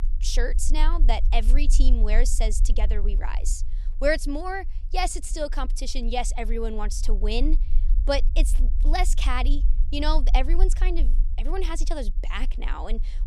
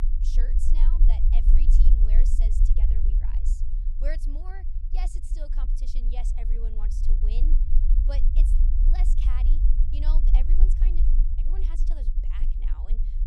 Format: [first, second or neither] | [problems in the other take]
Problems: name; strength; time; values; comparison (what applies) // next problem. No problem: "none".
first | low rumble; loud; throughout; 3 dB below the speech; faint in the first